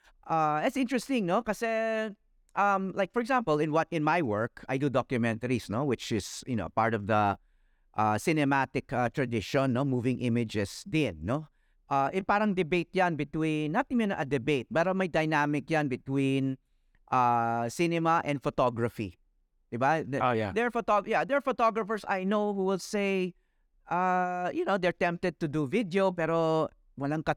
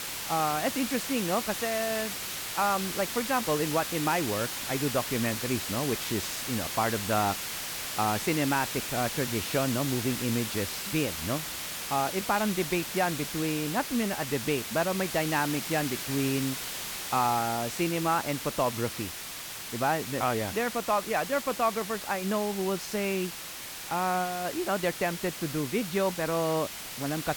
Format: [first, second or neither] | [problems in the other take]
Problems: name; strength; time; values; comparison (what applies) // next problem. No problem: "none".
first | hiss; loud; throughout; 4 dB below the speech